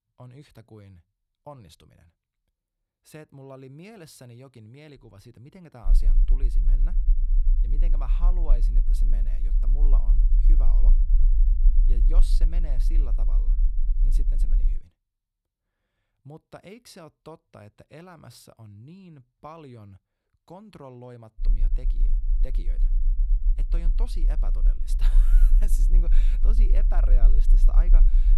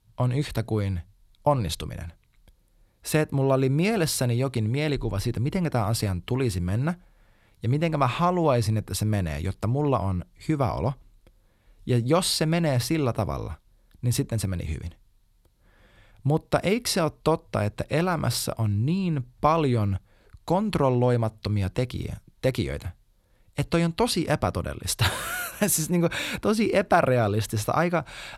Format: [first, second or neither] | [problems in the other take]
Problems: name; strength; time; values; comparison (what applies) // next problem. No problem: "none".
second | low rumble; loud; from 6 to 15 s and from 21 s on; 5 dB below the speech